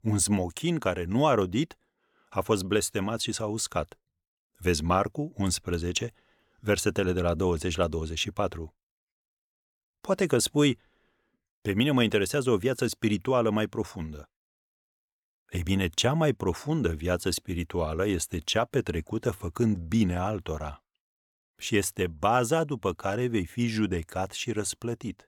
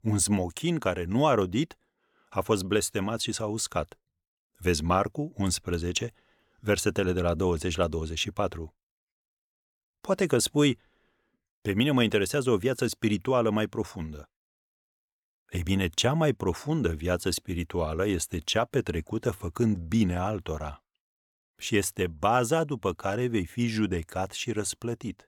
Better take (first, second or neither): neither